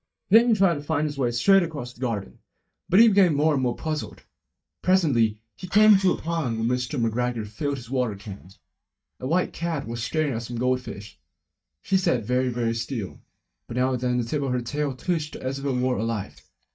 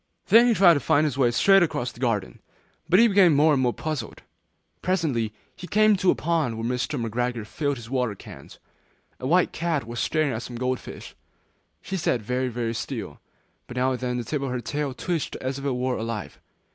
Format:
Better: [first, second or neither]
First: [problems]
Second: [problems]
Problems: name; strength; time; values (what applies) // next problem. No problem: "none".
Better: second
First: noise reduction (neural mask model DeepFilterNet 3)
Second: none